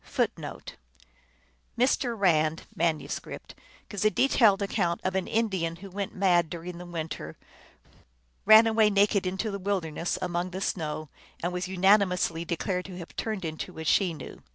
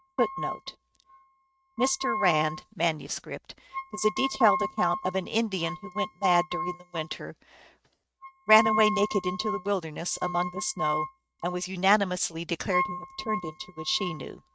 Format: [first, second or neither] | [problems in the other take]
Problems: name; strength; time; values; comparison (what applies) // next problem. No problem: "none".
first | noise reduction (neural mask model RNNoise)